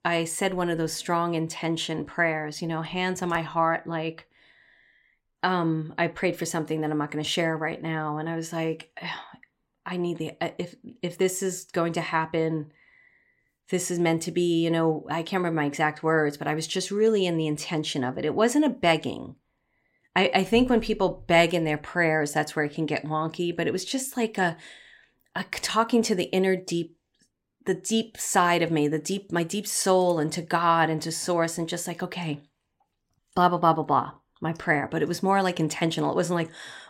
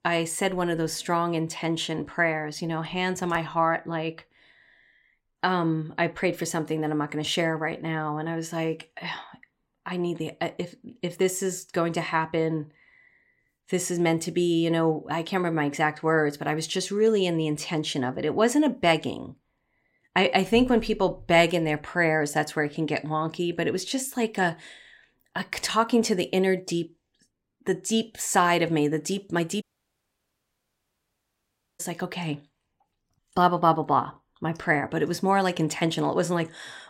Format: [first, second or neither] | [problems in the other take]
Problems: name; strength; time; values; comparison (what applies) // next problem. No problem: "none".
first | audio cutting out; at 30 s for 2 s